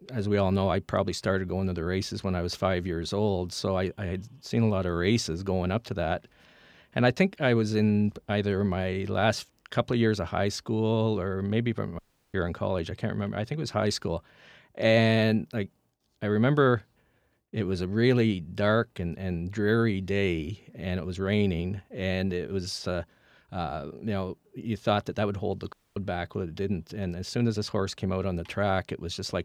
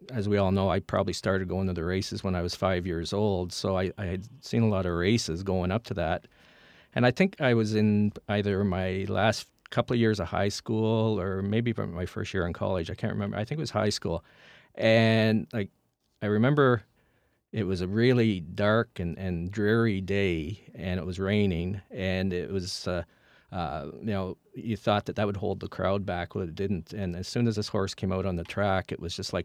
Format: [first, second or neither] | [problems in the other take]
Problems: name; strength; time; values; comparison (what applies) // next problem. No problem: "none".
second | audio cutting out; at 12 s and at 26 s